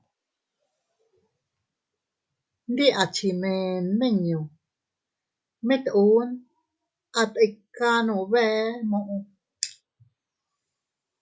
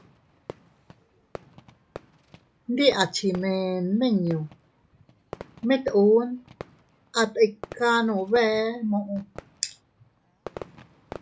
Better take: first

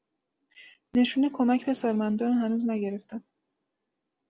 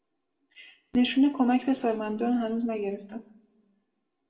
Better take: first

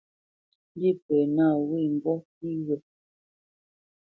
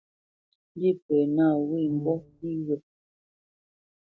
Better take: first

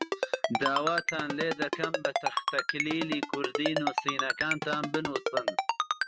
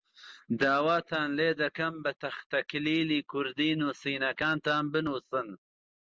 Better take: second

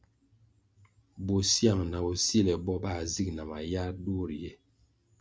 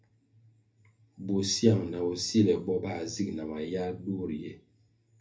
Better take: first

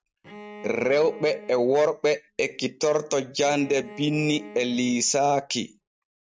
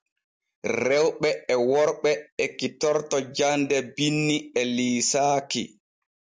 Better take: second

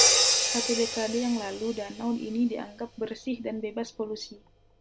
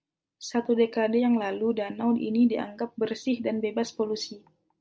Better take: second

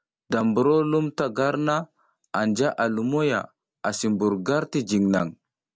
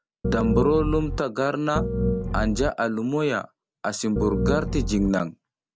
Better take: first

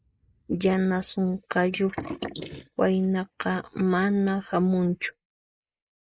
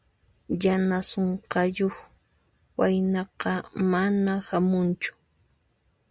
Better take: second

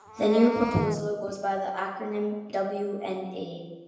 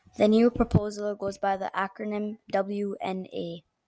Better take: second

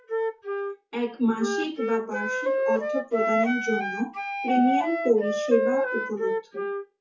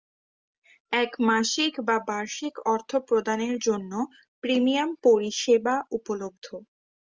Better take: second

